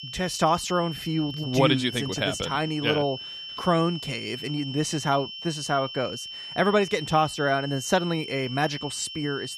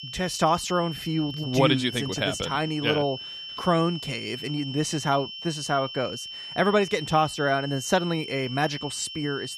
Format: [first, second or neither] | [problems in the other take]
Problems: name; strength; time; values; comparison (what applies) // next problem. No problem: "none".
neither | high-pitched whine; loud; throughout; 3 kHz, 10 dB below the speech; the same in both